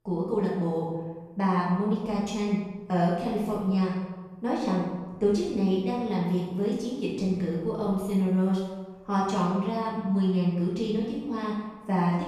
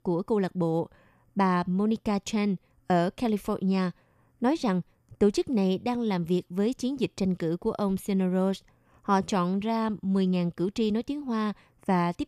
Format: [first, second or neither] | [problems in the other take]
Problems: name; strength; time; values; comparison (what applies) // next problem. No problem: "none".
second | off-mic speech; far // room echo; noticeable; dies away in 1 s